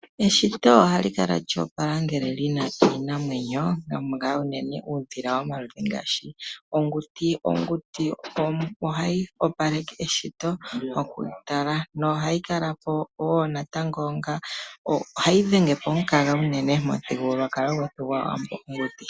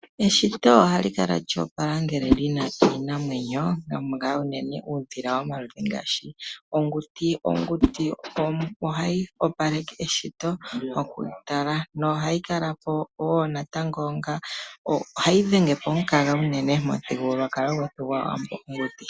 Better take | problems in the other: first | background sound (Whoosh, swoosh, swish); 6 dB below the speech

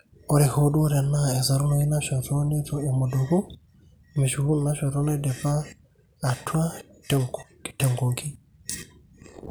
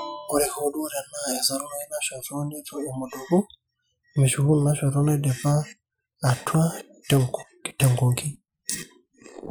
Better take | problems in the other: first | noise reduction (classical method Wiener filter)

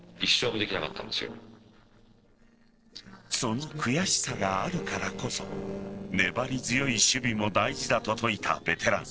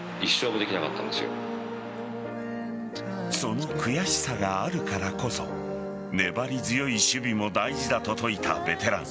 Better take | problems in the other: second | noise reduction (neural separator model SepFormer DNS4)

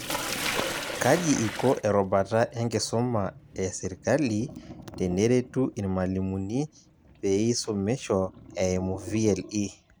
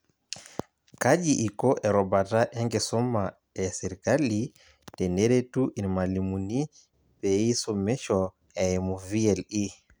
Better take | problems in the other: second | background sound (Sink (filling or washing)); 12 dB below the speech

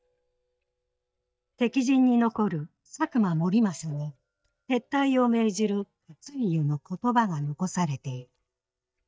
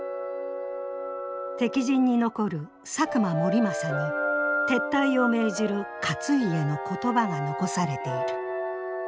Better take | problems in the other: second | noise reduction (neural mask model DeepFilterNet 3)

